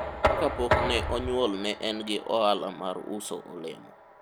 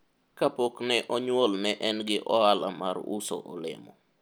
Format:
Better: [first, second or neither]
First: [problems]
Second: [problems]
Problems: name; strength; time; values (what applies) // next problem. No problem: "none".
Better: second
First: background sound (Knock); 2 dB below the speech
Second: none